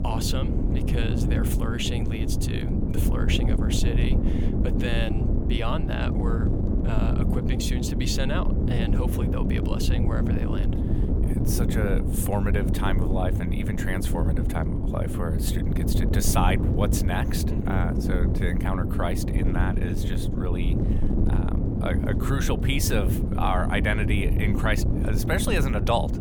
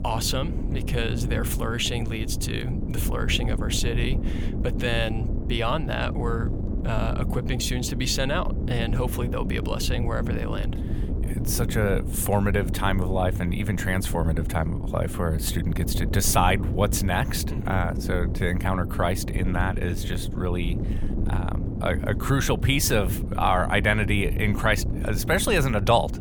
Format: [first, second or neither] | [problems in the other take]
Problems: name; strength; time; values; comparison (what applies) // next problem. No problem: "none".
second | wind noise on the microphone; heavy; 4 dB below the speech; occasional gusts in the second